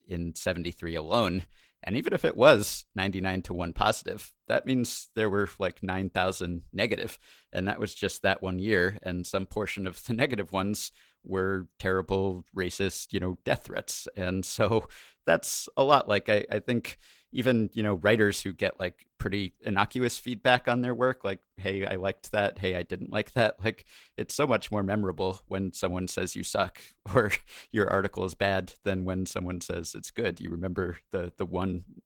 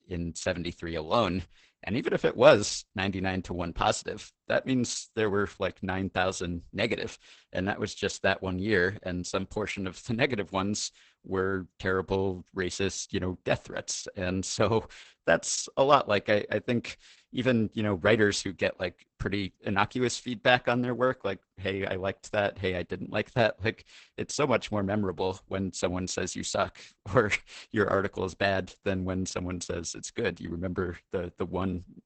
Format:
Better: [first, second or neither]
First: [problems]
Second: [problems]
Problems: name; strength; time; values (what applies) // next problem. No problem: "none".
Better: first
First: garbled, watery; slightly; nothing above 19 kHz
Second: garbled, watery; badly; nothing above 8 kHz